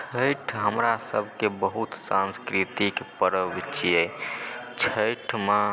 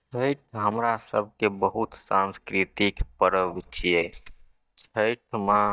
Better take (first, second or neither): first